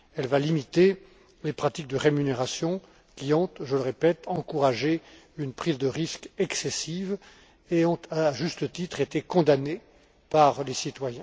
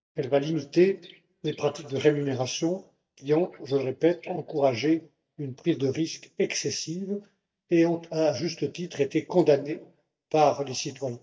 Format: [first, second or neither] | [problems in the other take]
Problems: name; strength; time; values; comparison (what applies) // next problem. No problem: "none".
first | noise reduction (neural mask model DeepFilterNet 3)